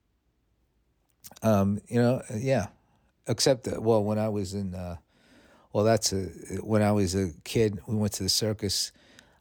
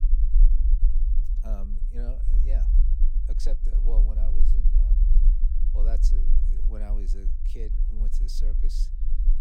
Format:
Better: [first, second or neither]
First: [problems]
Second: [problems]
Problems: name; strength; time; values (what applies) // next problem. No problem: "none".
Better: first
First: none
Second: low rumble; loud; throughout; 4 dB below the speech